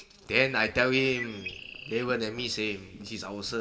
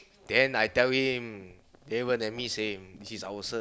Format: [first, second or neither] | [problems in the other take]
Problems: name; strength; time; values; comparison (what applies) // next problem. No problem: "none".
second | background sound (Bird); 14 dB below the speech // room echo; dies away in 1.8 s